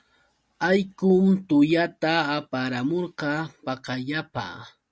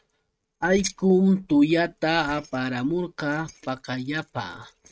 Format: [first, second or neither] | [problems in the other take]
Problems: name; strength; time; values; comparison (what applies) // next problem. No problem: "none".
first | noise reduction (neural mask model RNNoise)